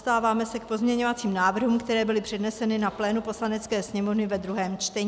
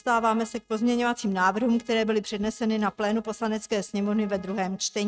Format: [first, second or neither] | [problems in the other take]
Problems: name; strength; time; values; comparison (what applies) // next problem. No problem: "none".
first | noise reduction (neural mask model RNNoise)